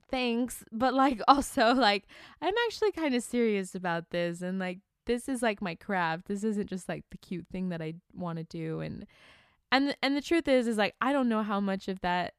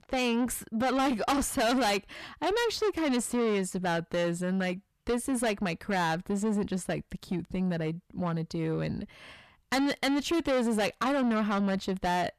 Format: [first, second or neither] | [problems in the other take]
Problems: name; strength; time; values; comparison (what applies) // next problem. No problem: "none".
first | distortion; heavy; 6 dB below the speech